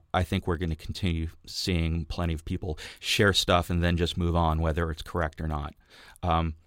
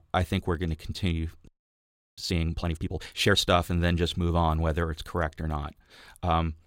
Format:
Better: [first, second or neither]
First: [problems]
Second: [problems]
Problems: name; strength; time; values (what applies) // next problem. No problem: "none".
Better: first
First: none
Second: audio freezing; at 1.5 s for 0.5 s